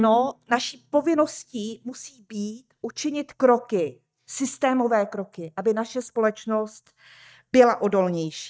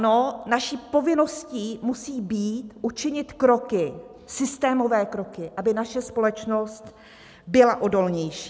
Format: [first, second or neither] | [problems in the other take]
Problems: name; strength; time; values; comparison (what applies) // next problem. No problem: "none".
second | noise reduction (neural mask model DeepFilterNet 3)